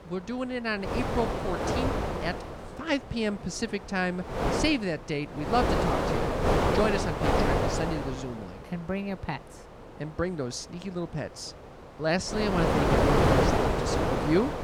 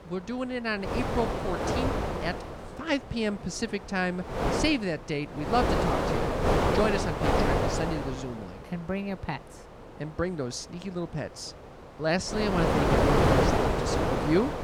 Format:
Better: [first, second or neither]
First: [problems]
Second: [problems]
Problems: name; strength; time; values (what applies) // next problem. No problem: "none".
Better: neither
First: wind noise on the microphone; heavy; 4 dB above the speech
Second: wind noise on the microphone; heavy; 4 dB above the speech